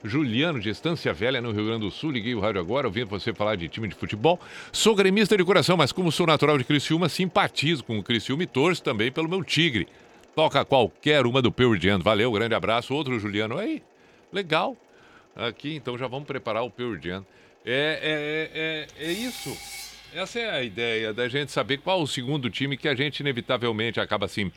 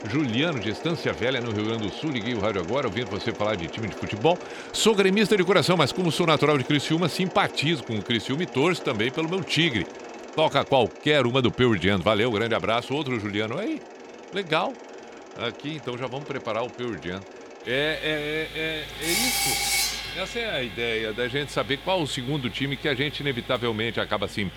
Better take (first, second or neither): first